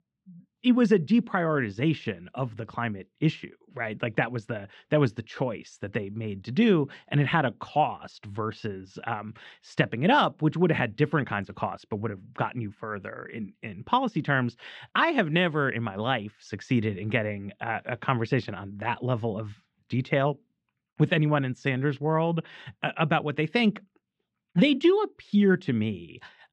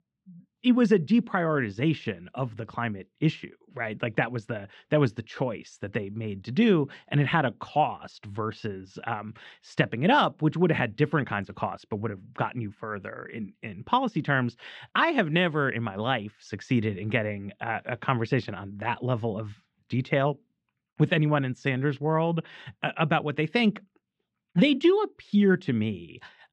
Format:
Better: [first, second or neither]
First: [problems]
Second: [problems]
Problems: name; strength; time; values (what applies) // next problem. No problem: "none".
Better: neither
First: muffled; slightly; fading above 3 kHz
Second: muffled; slightly; fading above 3 kHz